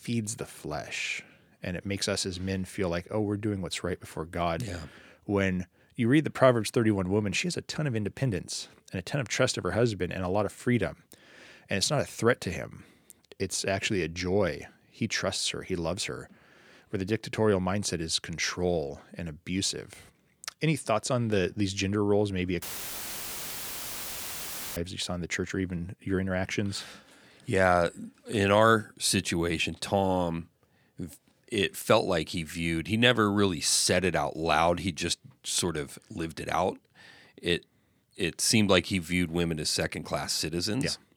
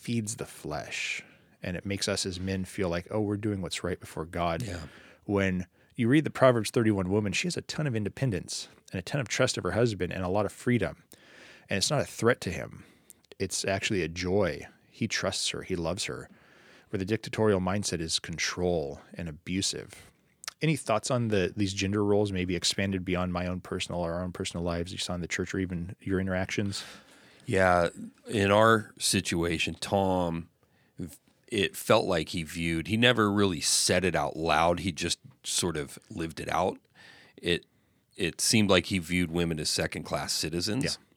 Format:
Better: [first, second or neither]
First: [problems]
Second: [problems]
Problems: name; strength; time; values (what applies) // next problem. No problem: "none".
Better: second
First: audio cutting out; filled with static; at 23 s for 2 s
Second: none